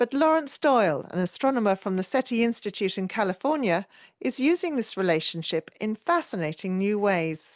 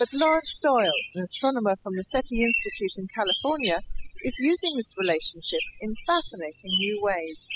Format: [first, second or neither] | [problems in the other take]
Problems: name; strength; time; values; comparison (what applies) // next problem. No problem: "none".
first | noise reduction (classical method spectral subtraction)